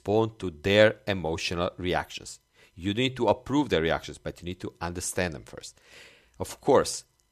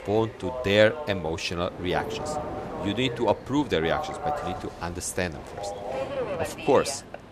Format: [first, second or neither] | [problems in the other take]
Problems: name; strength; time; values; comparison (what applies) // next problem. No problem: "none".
first | train or aircraft noise; loud; throughout; 8 dB below the speech